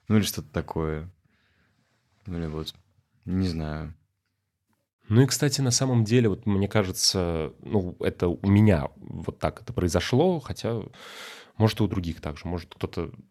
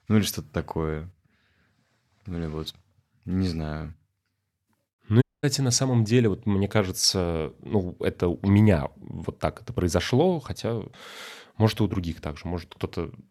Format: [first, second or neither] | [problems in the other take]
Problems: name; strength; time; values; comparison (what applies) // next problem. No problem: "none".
first | audio cutting out; at 5 s